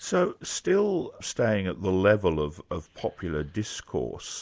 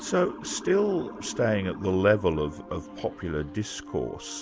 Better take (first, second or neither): first